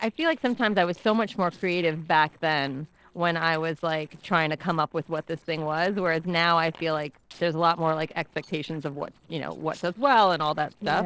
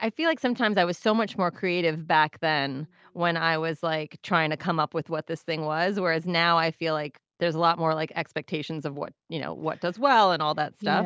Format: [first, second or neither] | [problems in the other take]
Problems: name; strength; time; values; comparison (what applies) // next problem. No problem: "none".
second | noise reduction (neural separator model SepFormer DNS4)